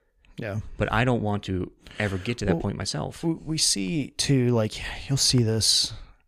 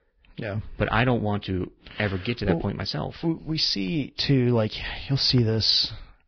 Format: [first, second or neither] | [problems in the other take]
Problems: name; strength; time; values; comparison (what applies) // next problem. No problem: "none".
first | garbled, watery; badly; nothing above 5 kHz